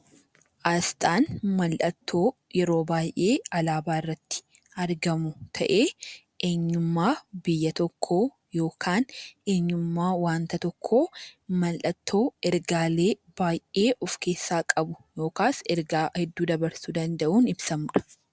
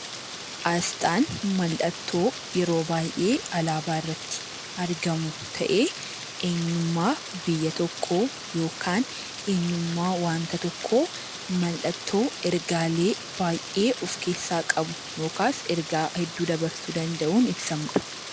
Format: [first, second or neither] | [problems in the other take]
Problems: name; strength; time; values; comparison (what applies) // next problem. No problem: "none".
first | background sound (Rain); 10 dB below the speech